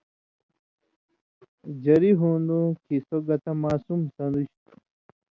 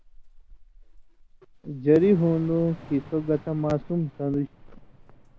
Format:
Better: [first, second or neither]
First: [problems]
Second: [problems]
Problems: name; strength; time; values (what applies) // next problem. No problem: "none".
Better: first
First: none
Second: background sound (Thunder / Rain); 19 dB below the speech